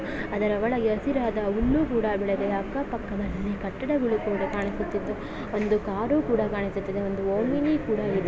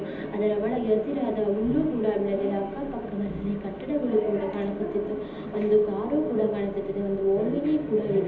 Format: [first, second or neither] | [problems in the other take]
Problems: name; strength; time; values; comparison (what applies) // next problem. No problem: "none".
first | room echo; dies away in 1.2 s